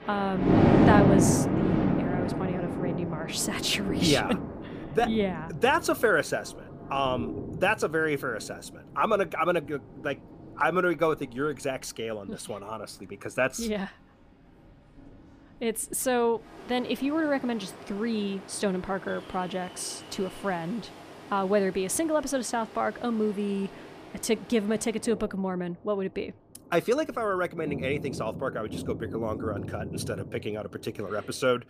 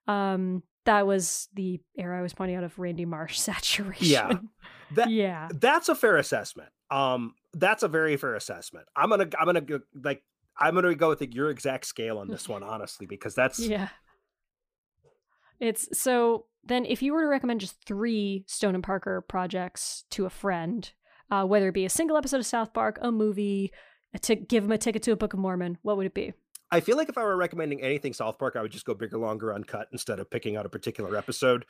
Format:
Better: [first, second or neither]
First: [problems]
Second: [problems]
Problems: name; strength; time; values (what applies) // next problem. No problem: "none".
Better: second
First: rain or running water; very loud; throughout; 1 dB above the speech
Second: none